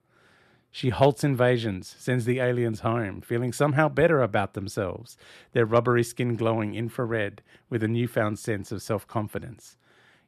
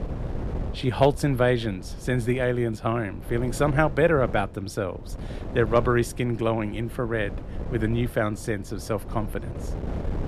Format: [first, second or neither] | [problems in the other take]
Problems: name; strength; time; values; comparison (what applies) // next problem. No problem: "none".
first | wind noise on the microphone; occasional gusts; 15 dB below the speech